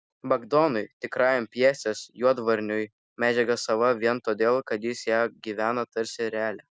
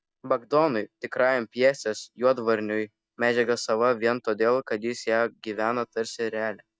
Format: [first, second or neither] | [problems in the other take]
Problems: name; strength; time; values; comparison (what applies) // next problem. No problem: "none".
first | noise reduction (neural mask model DeepFilterNet 3)